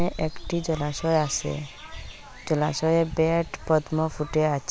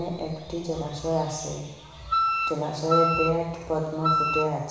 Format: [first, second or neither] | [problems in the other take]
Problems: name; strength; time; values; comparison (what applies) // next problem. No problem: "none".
first | background sound (Wind instrument, woodwind instrument); 2 dB above the speech // room echo; dies away in 1 s